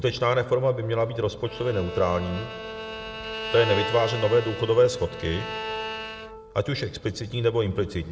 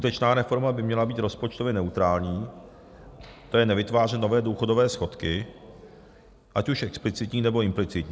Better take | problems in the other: second | background sound (Bowed string instrument); 10 dB below the speech // room echo; dies away in 0.8 s

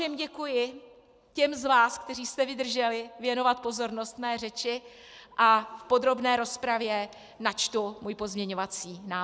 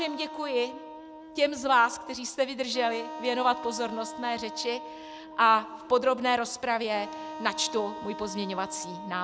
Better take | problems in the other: first | background sound (Wind instrument, woodwind instrument); 12 dB below the speech

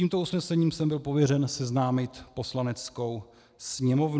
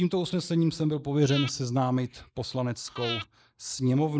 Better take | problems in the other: first | noise reduction (neural mask model Resemble Enhance denoiser)

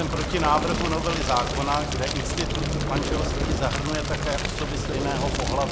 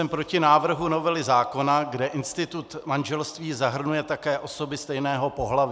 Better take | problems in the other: second | background sound (Fire); 2 dB above the speech

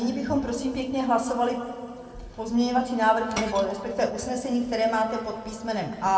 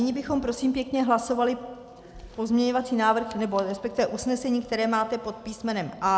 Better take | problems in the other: second | background sound (Shatter / Crushing); 17 dB below the speech // room echo; dies away in 1.7 s

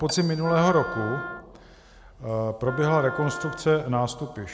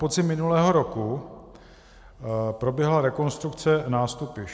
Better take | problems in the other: second | background sound (Wind instrument, woodwind instrument + Marimba, xylophone); 11 dB below the speech

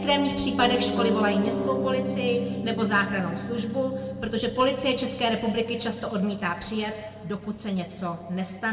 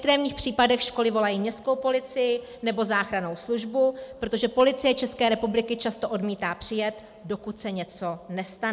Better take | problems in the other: second | background sound (Piano); 5 dB below the speech // room echo; dies away in 1.8 s

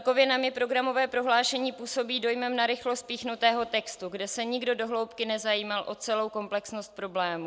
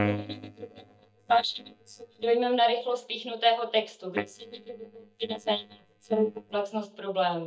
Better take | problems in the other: first | noise reduction (neural mask model DeepFilterNet 3)

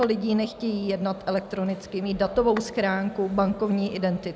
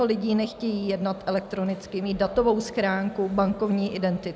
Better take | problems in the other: second | background sound (Tap / Glass); 19 dB below the speech

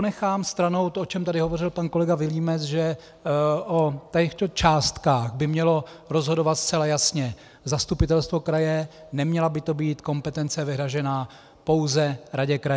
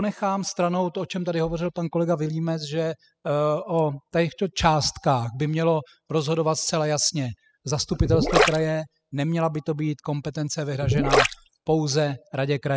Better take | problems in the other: first | noise reduction (classical method spectral subtraction)

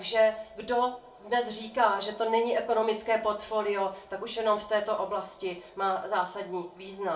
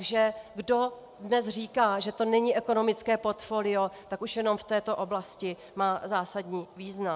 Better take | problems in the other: second | room echo; dies away in 0.3 s

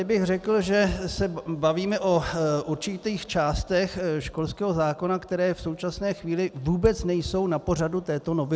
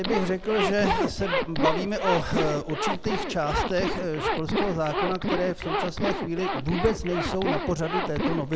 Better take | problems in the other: first | background sound (Zipper (clothing)); as loud as the speech

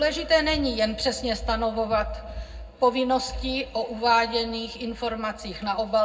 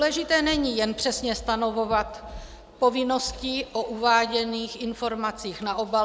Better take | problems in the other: second | room echo; dies away in 0.3 s

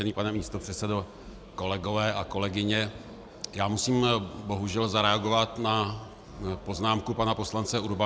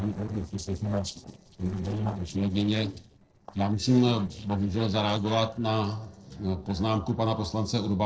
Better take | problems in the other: first | noise reduction (neural separator model SepFormer DNS4)

